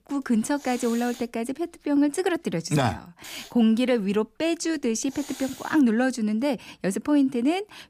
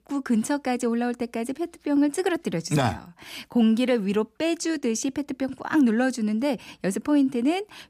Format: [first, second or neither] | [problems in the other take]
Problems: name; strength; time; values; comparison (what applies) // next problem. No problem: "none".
second | hiss; noticeable; until 2 s and from 3 to 6 s; 15 dB below the speech